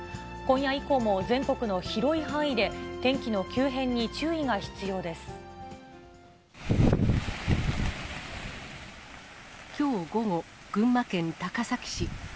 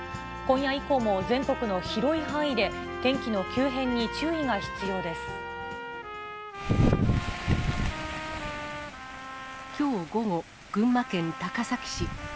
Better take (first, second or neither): first